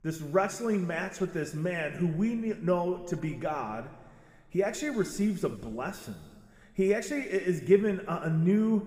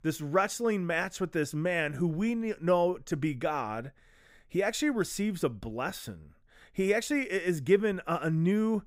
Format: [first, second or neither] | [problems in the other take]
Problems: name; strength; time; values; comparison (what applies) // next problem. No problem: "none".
second | room echo; slight; dies away in 1.6 s